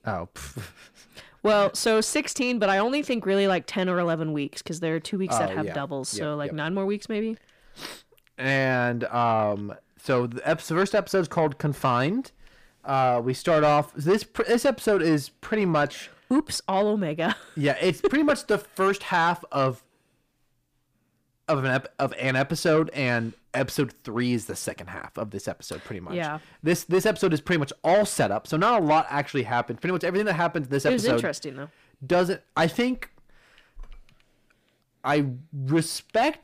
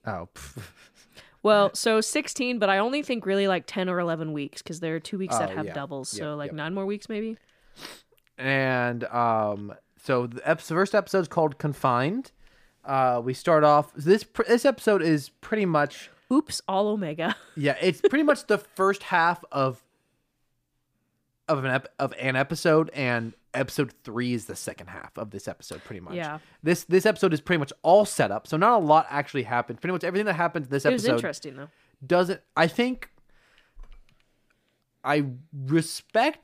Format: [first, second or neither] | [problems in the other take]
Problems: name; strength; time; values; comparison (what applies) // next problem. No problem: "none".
second | distortion; slight; 10 dB below the speech